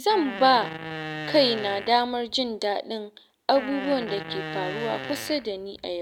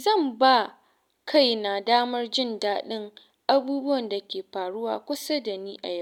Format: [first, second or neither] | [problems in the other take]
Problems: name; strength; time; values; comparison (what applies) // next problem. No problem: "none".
second | background sound (Fart); 10 dB below the speech